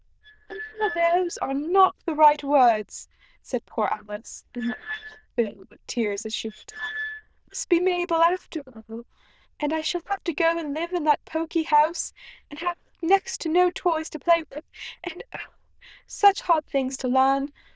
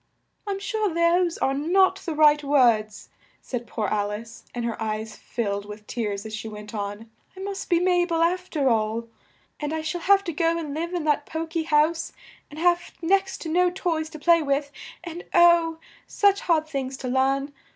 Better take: second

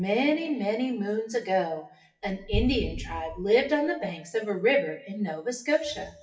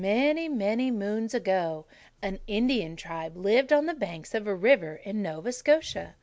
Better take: second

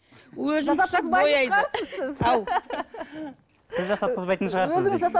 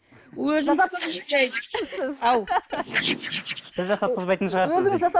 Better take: first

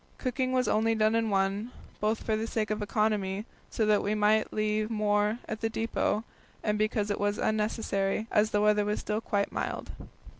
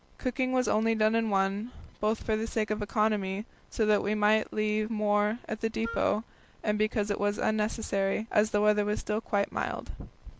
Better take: first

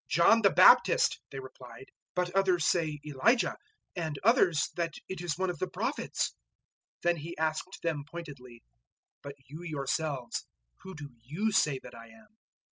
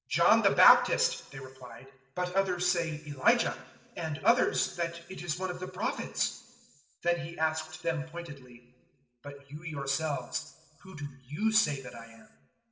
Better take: first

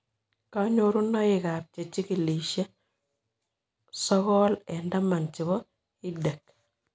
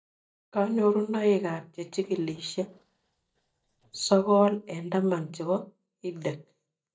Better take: first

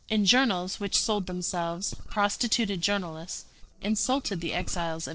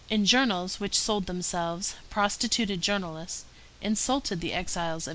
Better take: second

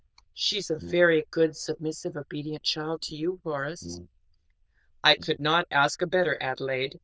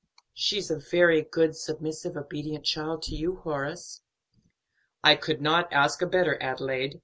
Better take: second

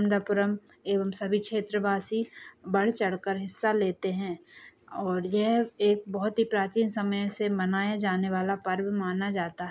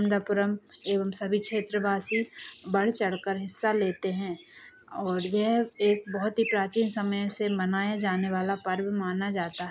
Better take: first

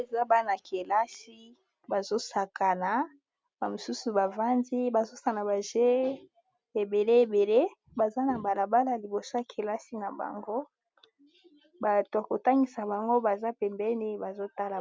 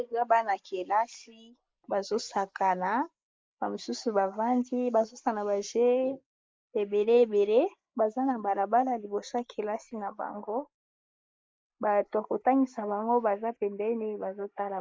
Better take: first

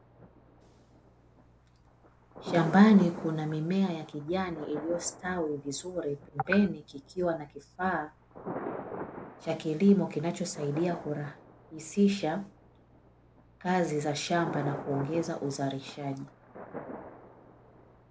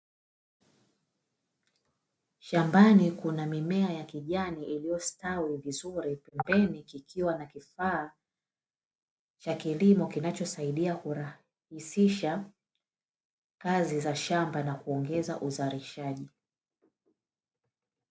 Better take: second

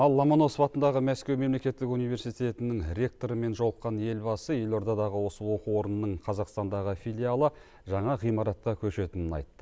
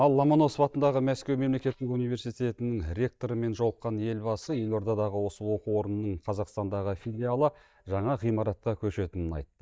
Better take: first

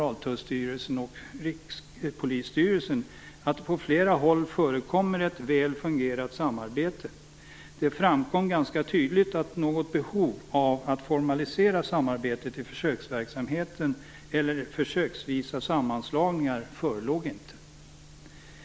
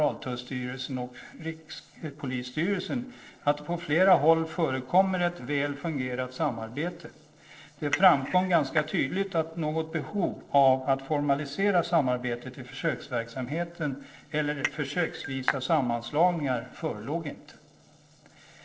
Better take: first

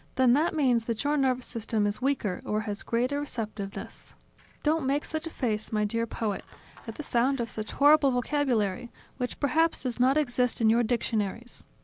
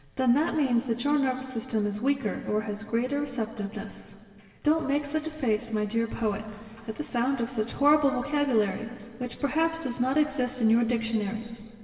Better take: first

